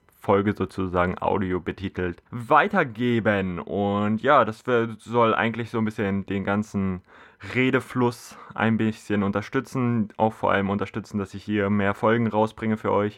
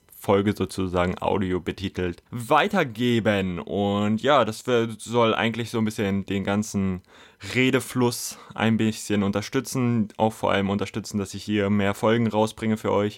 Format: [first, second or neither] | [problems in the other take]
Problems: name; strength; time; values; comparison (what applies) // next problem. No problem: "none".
second | muffled; slightly; fading above 3 kHz